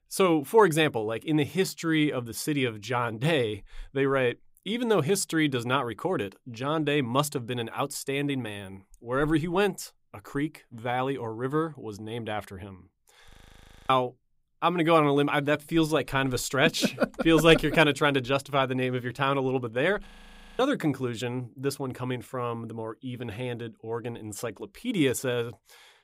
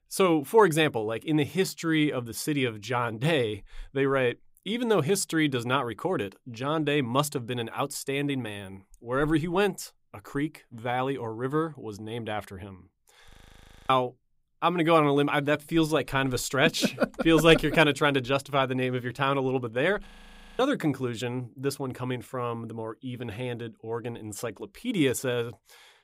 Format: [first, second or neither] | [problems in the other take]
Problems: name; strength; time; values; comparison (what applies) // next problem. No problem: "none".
neither | audio freezing; at 13 s for 0.5 s and at 20 s for 0.5 s; the same in both